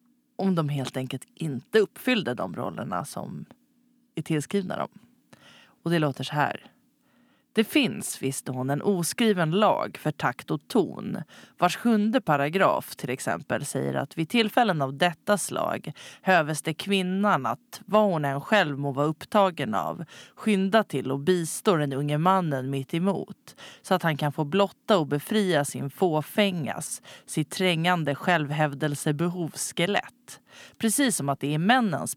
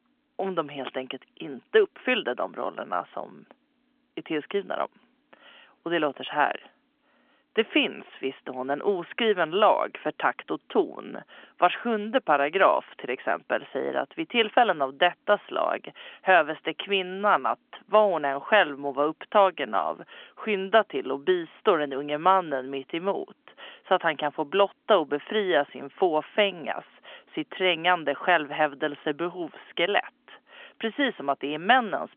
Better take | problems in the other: first | phone-call audio; nothing above 3.5 kHz

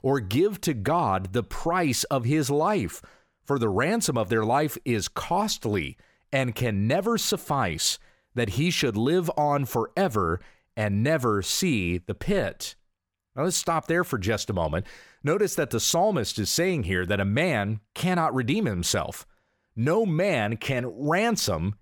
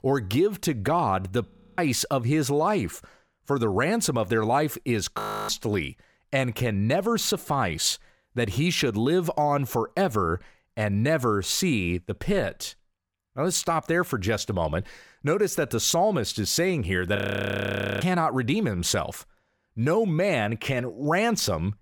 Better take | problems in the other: first | audio freezing; at 1.5 s, at 5 s and at 17 s for 1 s

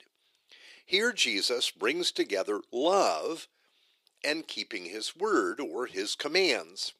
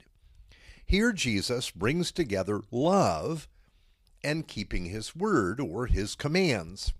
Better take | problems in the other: second | thin; somewhat; fading below 350 Hz

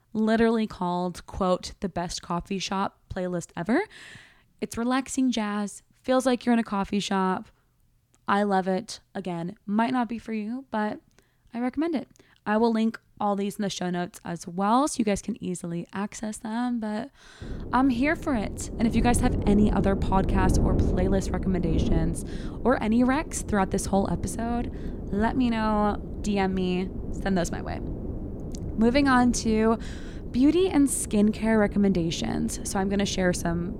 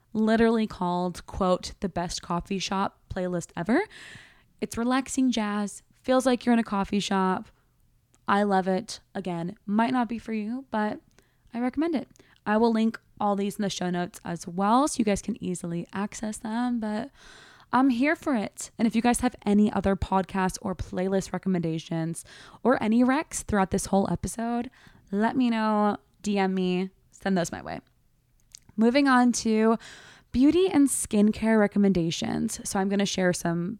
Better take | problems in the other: second | wind noise on the microphone; occasional gusts; from 17 s on; 10 dB below the speech

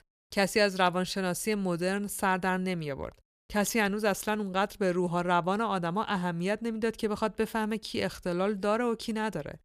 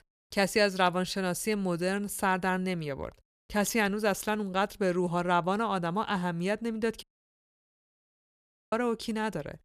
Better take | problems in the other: first | audio cutting out; at 7 s for 1.5 s

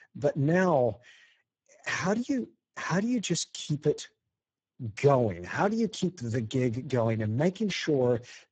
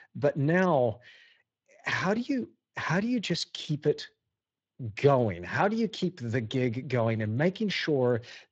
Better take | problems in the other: second | garbled, watery; badly; nothing above 7.5 kHz; slightly in the second

